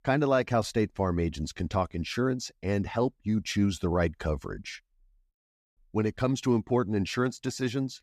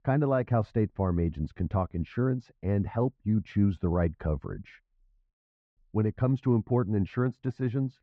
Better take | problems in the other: first | muffled; very; fading above 1.5 kHz

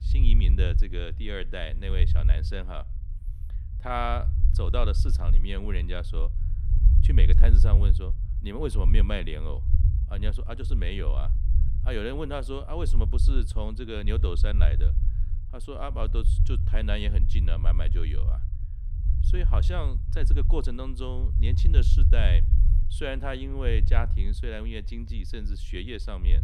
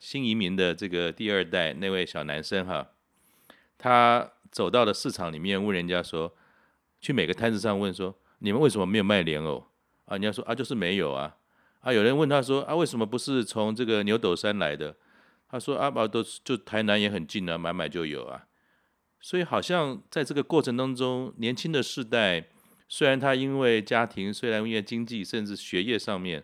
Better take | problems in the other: second | low rumble; loud; throughout; 9 dB below the speech

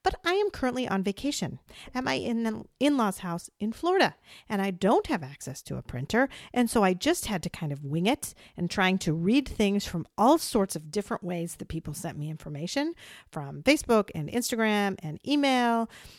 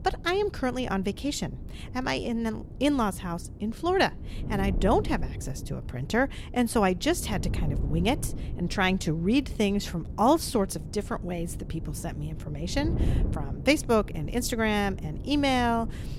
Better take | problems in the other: first | wind noise on the microphone; occasional gusts; 20 dB below the speech

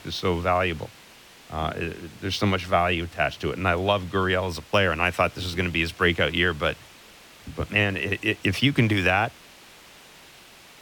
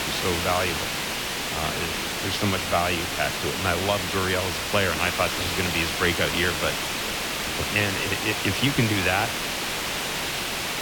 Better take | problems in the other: first | hiss; loud; throughout; as loud as the speech; faint in the first

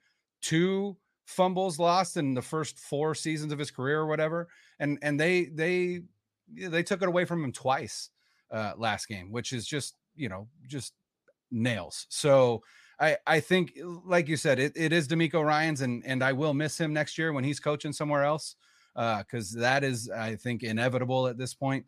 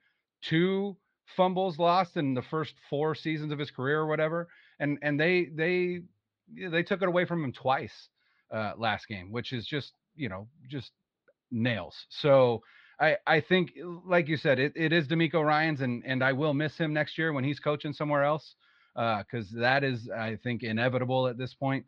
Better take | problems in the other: first | muffled; slightly; fading above 4 kHz

